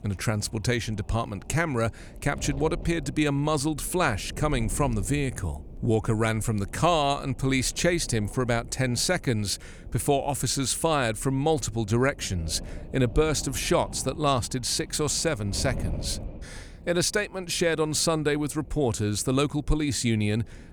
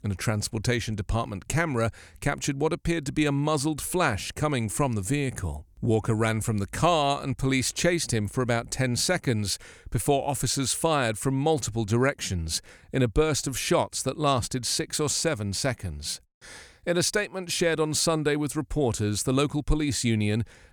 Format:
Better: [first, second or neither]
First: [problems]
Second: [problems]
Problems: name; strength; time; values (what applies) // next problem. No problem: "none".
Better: second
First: wind noise on the microphone; occasional gusts; 20 dB below the speech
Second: none